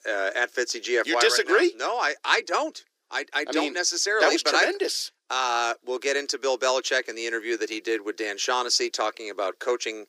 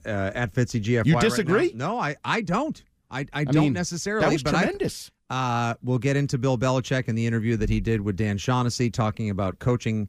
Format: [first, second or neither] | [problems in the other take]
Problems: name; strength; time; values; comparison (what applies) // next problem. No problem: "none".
second | thin; very; fading below 350 Hz